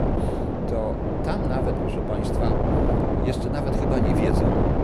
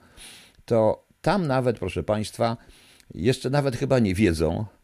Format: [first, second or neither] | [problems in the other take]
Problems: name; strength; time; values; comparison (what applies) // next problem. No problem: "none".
second | wind noise on the microphone; heavy; 5 dB above the speech